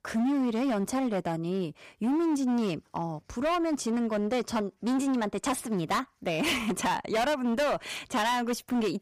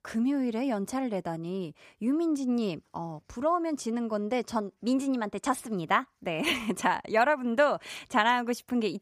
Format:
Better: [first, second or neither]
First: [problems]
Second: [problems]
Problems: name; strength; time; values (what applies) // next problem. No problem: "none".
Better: second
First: distortion; heavy; 20% of the sound clipped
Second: none